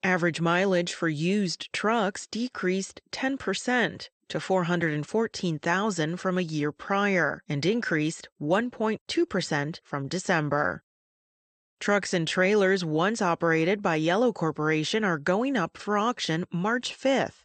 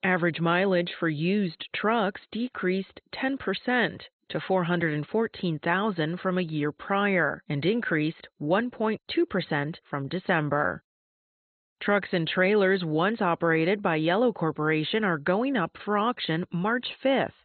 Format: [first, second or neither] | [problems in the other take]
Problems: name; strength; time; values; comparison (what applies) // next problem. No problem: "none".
first | garbled, watery; badly; nothing above 4 kHz; slightly in the first